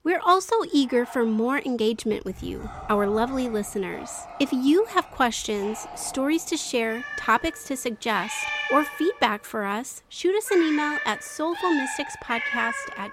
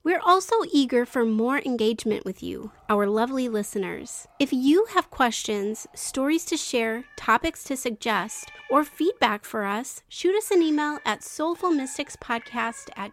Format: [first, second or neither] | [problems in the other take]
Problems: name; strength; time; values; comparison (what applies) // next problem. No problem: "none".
second | animal sounds; loud; throughout; 8 dB below the speech; faint in the second